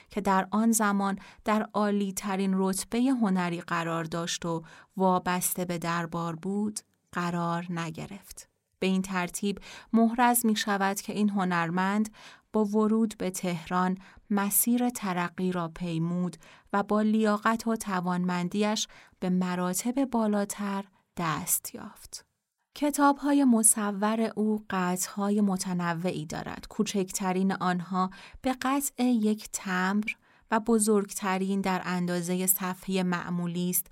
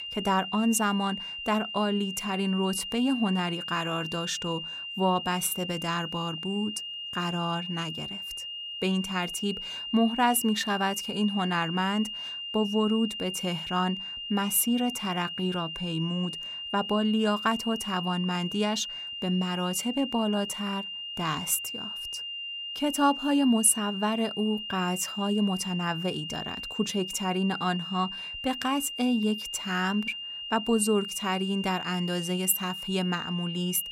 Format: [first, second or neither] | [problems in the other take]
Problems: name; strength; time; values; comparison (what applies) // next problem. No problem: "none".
first | high-pitched whine; loud; throughout; 3 kHz, 6 dB below the speech